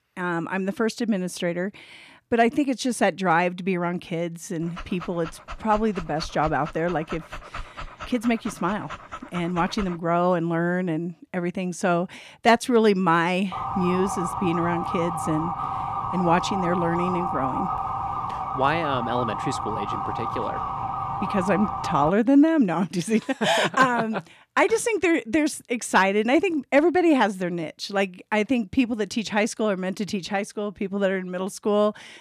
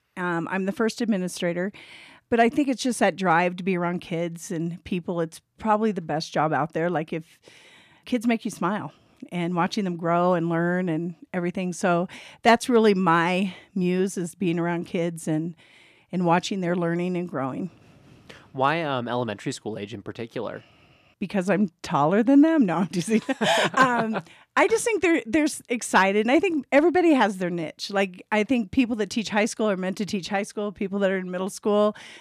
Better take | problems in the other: second | dog barking; faint; from 5 to 10 s; peak 15 dB below the speech // siren; noticeable; from 14 to 22 s; peak 3 dB below the speech

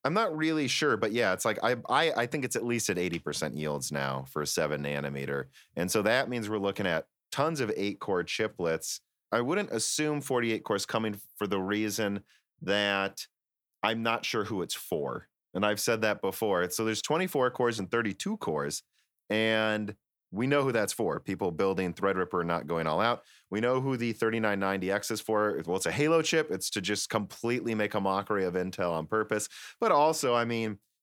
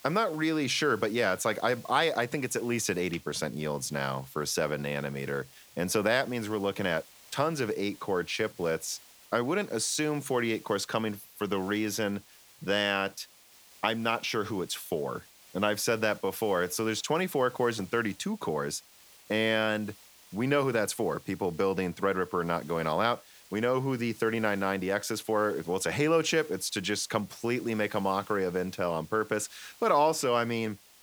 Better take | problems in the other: first | hiss; faint; throughout; 25 dB below the speech

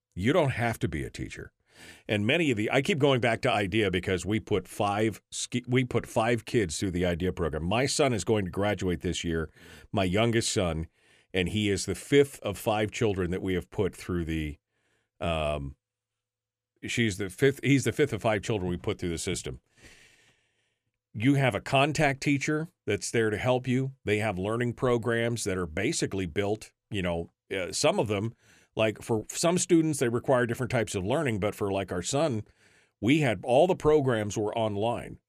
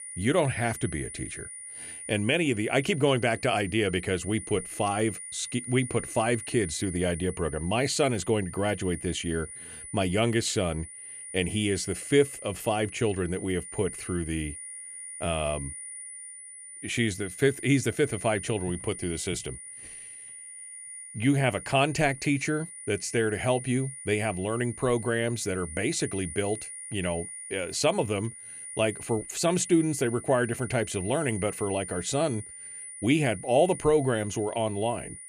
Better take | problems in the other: first | high-pitched whine; noticeable; throughout; 9.5 kHz, 10 dB below the speech

